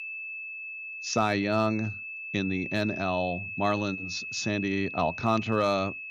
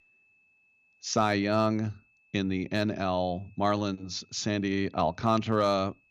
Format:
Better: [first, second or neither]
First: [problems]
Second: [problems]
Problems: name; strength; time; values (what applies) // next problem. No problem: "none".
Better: second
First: high-pitched whine; loud; throughout; 2.5 kHz, 7 dB below the speech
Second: high-pitched whine; faint; throughout; 2.5 kHz, 35 dB below the speech